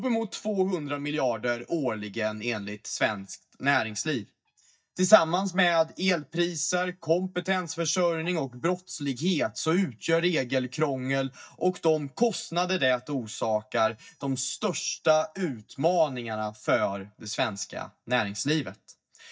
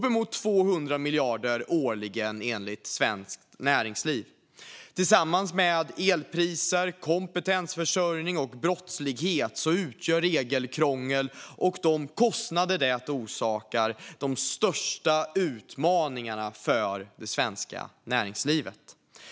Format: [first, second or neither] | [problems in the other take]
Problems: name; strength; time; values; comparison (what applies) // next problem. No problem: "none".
second | noise reduction (neural mask model DeepFilterNet 3)